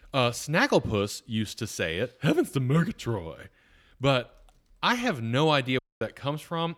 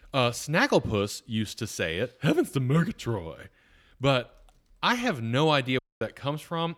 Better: neither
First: audio cutting out; at 6 s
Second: audio cutting out; at 6 s

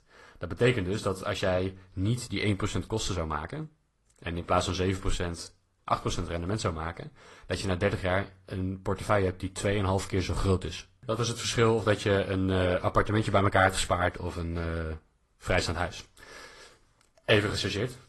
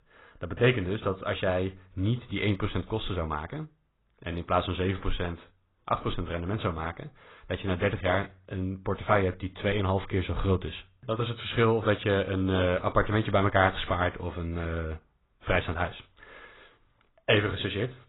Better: first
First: garbled, watery; slightly; nothing above 11 kHz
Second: garbled, watery; badly; nothing above 4 kHz

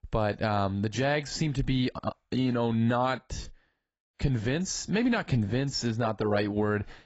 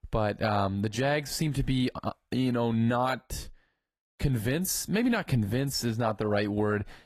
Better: second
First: garbled, watery; badly; nothing above 7.5 kHz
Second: garbled, watery; slightly; nothing above 13 kHz

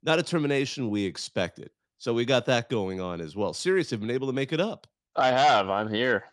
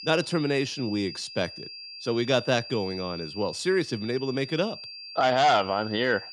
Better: first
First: none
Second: high-pitched whine; noticeable; throughout; 4.5 kHz, 10 dB below the speech

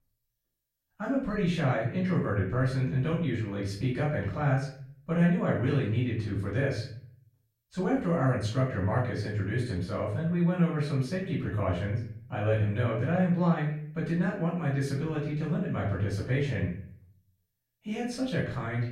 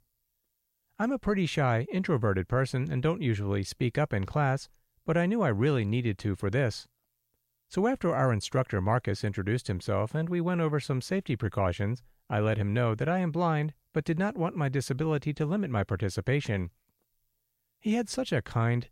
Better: second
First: off-mic speech; far // room echo; noticeable; dies away in 0.5 s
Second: none

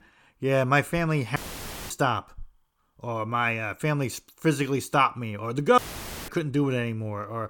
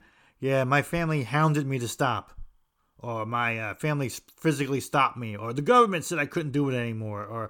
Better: second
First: audio cutting out; filled with static; at 1.5 s for 0.5 s and at 6 s for 0.5 s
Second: none

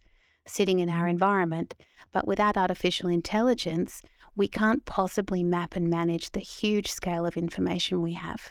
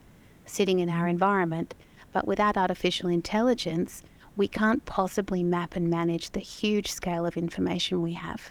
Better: first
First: none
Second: hiss; faint; throughout; 30 dB below the speech

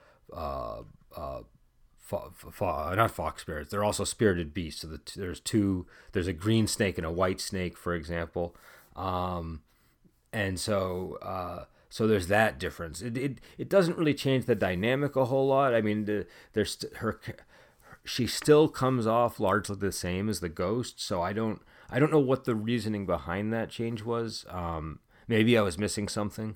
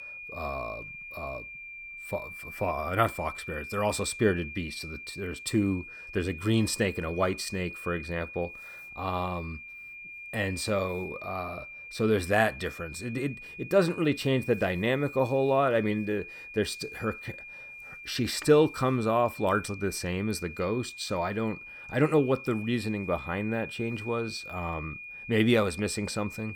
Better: first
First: none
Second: high-pitched whine; noticeable; throughout; 2.5 kHz, 10 dB below the speech

